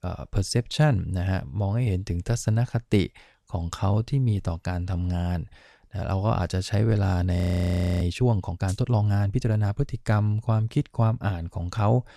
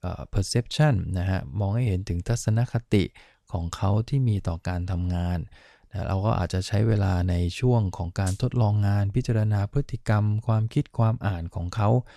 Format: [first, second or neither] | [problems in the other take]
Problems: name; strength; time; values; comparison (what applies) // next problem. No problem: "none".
second | audio freezing; at 7.5 s for 0.5 s